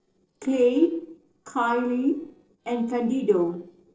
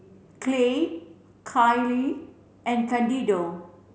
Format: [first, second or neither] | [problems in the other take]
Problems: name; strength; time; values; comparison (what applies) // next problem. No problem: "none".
second | noise reduction (neural separator model SepFormer DNS4)